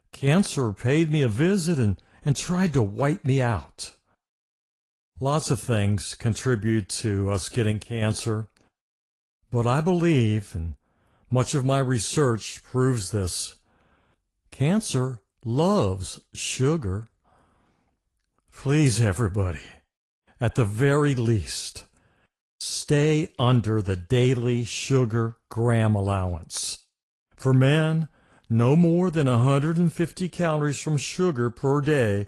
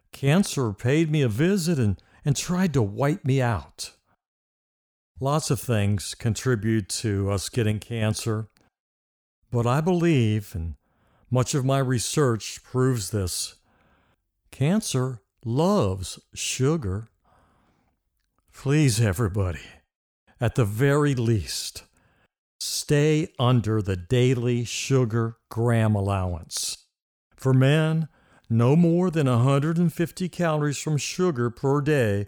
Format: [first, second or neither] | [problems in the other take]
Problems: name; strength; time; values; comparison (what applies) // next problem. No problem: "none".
second | garbled, watery; slightly; nothing above 11 kHz